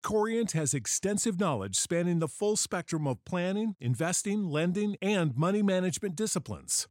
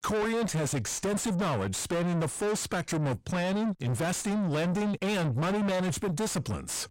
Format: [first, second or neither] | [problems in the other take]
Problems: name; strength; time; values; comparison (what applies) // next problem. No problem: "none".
first | distortion; heavy; 5 dB below the speech